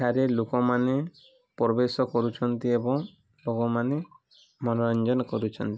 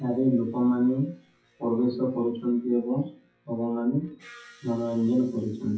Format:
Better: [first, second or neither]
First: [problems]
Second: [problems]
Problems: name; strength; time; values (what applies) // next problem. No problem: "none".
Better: first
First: none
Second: noise reduction (classical method WPE with log-MMSE)